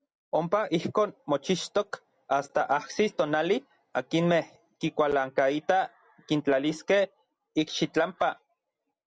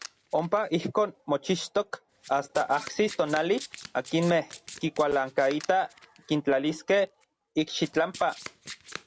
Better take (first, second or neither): first